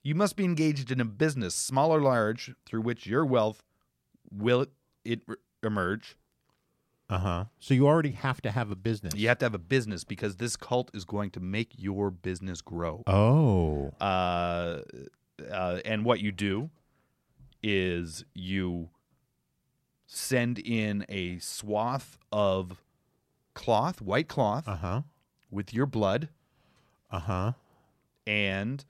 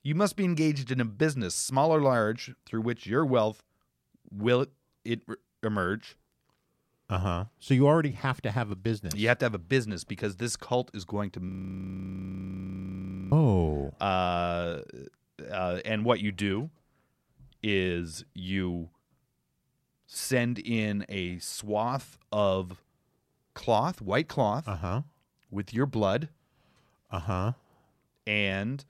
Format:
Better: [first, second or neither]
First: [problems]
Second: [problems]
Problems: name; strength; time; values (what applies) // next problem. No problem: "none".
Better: first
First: none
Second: audio freezing; at 11 s for 2 s